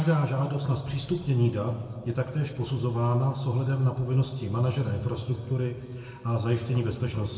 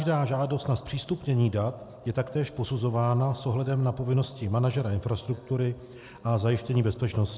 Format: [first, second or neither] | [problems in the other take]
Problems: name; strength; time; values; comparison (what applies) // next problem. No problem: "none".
second | room echo; dies away in 1.8 s